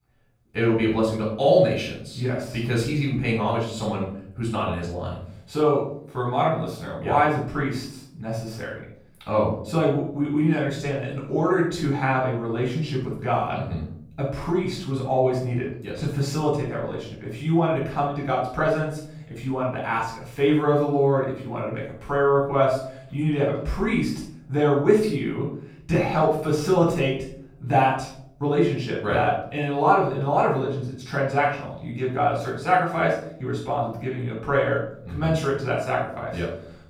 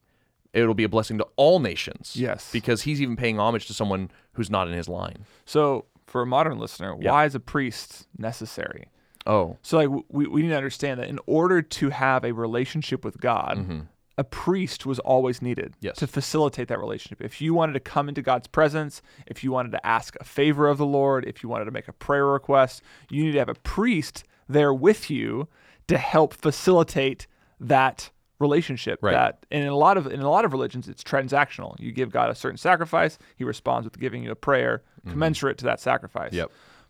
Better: second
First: off-mic speech; far // room echo; noticeable; dies away in 0.6 s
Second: none

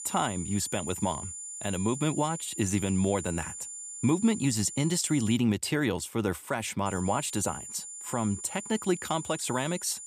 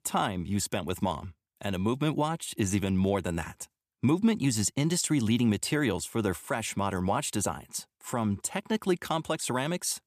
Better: second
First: high-pitched whine; loud; until 5.5 s and from 7 s on; 7 kHz, 9 dB below the speech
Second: none

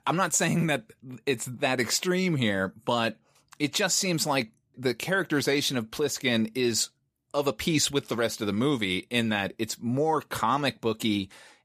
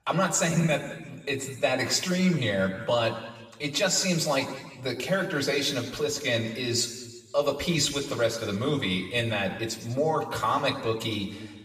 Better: first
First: none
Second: room echo; noticeable; dies away in 1.2 s // off-mic speech; somewhat distant

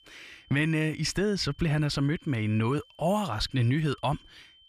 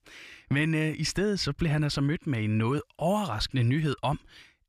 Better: second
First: high-pitched whine; faint; throughout; 3 kHz, 30 dB below the speech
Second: none

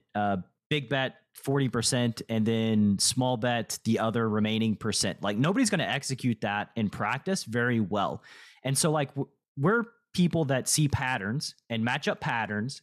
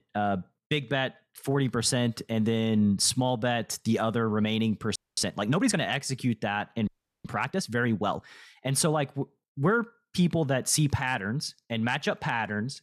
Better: first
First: none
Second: audio freezing; at 5 s and at 7 s

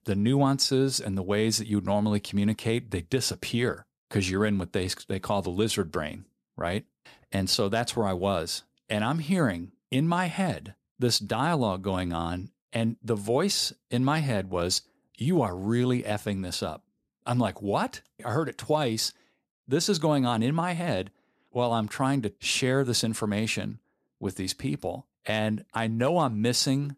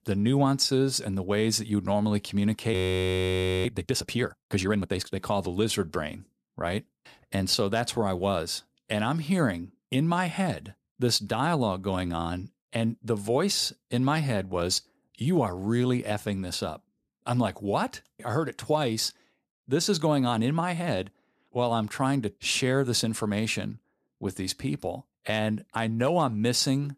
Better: first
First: none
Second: audio freezing; at 2.5 s for 1 s

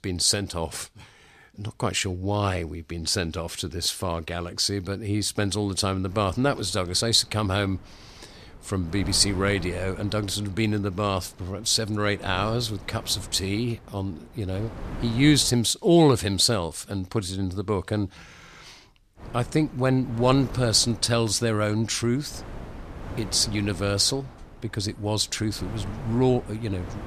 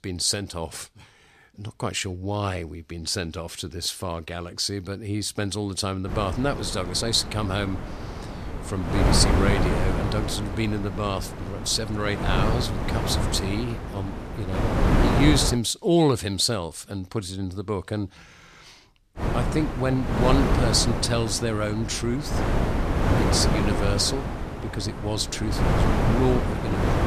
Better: first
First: wind noise on the microphone; occasional gusts; from 6 to 16 s and from 19 s on; 20 dB below the speech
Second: wind noise on the microphone; heavy; from 6 to 16 s and from 19 s on; 2 dB below the speech

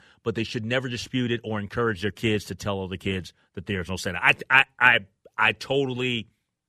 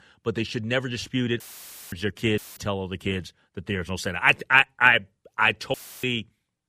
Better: first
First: none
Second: audio cutting out; filled with static; at 1.5 s for 0.5 s, at 2.5 s and at 5.5 s

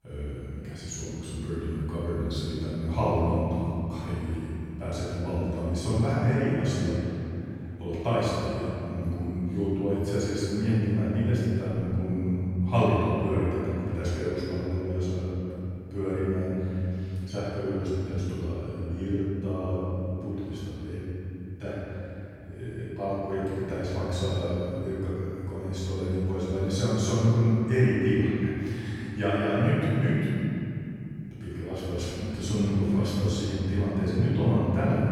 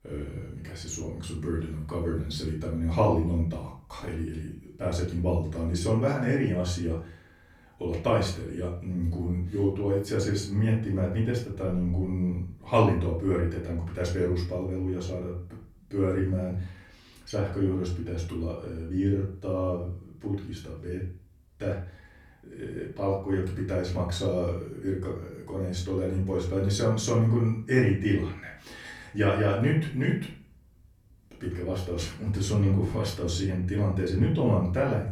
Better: second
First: room echo; strong; dies away in 3 s // off-mic speech; far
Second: room echo; slight; dies away in 0.4 s // off-mic speech; far

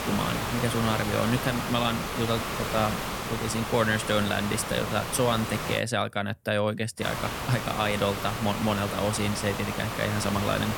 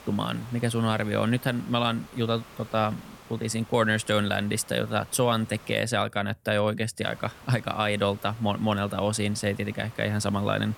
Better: second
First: hiss; loud; until 6 s and from 7 s on; 4 dB below the speech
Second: hiss; faint; until 6 s and from 7 s on; 20 dB below the speech

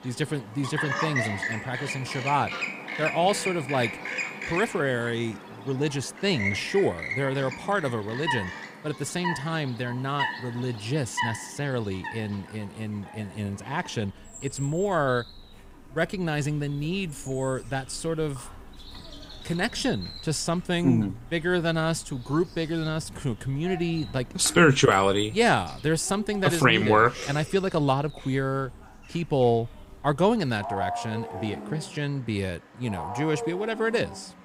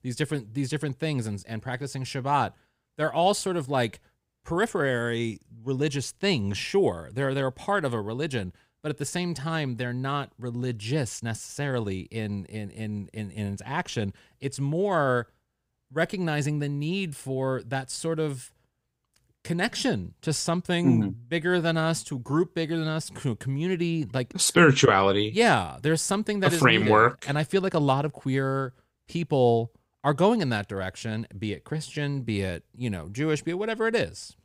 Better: second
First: animal sounds; loud; throughout; 8 dB below the speech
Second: none

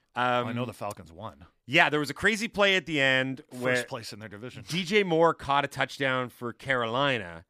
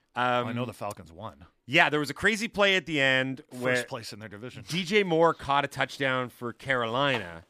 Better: first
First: none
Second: household noises; faint; throughout; 20 dB below the speech

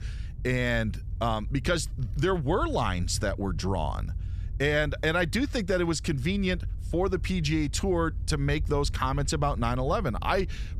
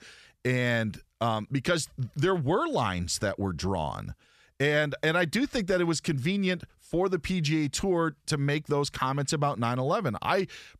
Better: second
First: low rumble; faint; throughout; 25 dB below the speech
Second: none

